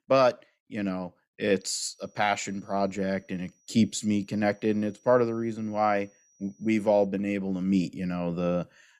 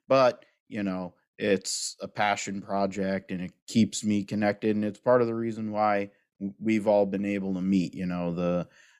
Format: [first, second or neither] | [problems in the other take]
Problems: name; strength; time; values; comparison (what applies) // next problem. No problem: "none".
second | high-pitched whine; faint; from 1.5 to 7 s; 6 kHz, 35 dB below the speech